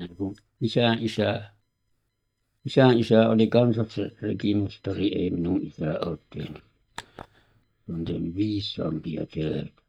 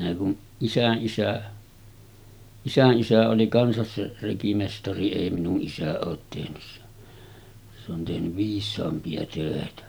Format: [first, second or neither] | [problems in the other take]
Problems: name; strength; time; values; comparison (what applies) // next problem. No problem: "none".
second | noise reduction (neural mask model DeepFilterNet 3)